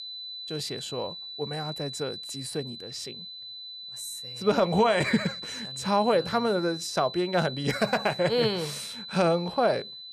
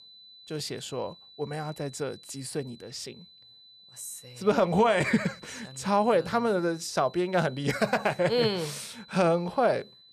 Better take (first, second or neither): second